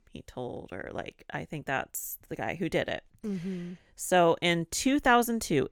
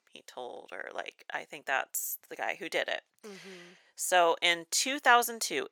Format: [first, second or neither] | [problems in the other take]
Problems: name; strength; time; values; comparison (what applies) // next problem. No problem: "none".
first | thin; very; fading below 650 Hz